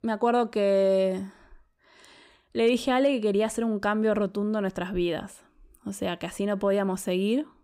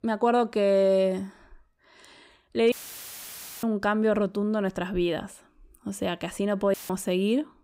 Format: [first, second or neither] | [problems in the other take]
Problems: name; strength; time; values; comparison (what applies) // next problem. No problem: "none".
first | audio cutting out; filled with static; at 2.5 s for 1 s and at 6.5 s